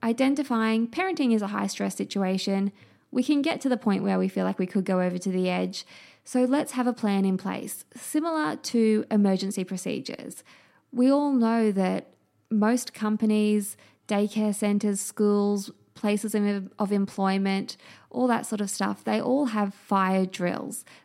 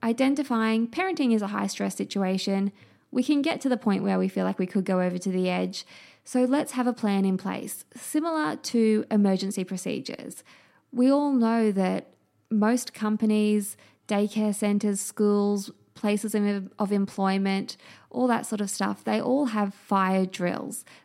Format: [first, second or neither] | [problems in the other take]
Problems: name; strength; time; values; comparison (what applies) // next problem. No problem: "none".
neither | none